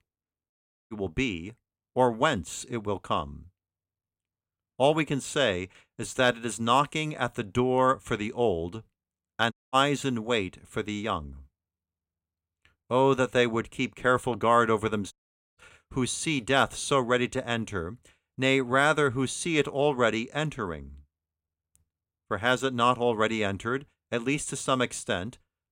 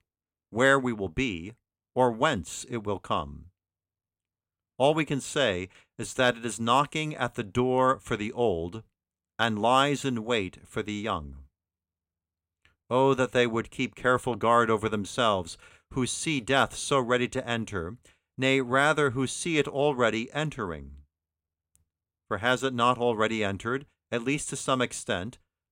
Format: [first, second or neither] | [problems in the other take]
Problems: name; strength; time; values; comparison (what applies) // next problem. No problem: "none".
second | audio cutting out; at 0.5 s, at 9.5 s and at 15 s